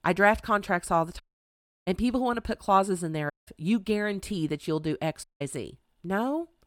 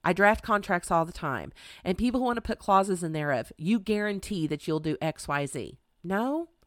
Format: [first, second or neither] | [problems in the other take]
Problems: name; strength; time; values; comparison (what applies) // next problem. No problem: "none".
second | audio cutting out; at 1 s for 0.5 s, at 3.5 s and at 5 s